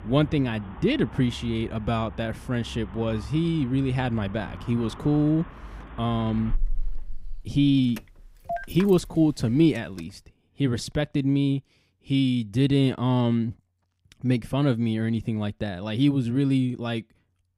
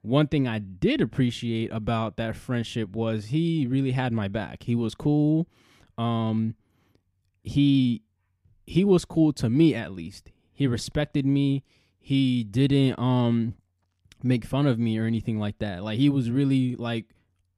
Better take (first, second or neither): second